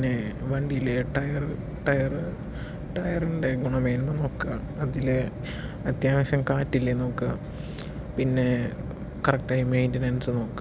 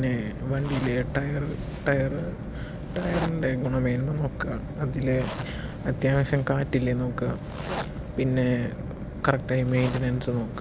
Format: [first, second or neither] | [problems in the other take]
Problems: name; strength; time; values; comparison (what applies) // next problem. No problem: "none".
first | background sound (Zipper (clothing)); 15 dB below the speech